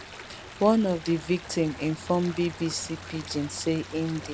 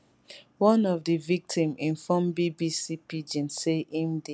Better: second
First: background sound (Stream); 14 dB below the speech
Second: none

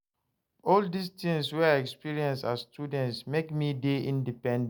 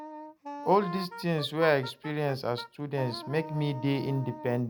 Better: first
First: none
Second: background sound (Wind instrument, woodwind instrument); 12 dB below the speech

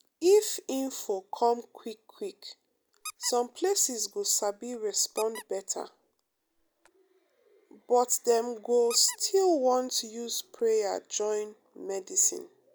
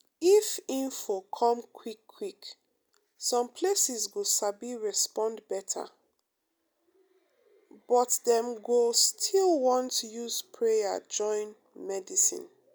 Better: second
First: background sound (Squeak); 19 dB below the speech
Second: none

